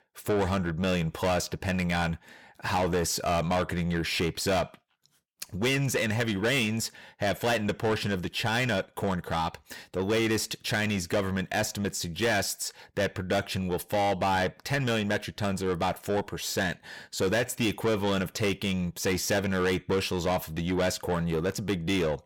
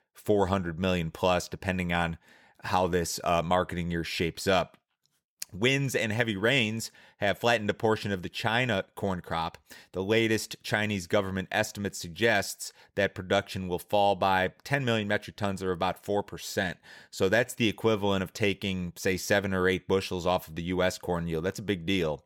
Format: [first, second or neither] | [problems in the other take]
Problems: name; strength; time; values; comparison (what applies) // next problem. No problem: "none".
second | distortion; heavy; 8 dB below the speech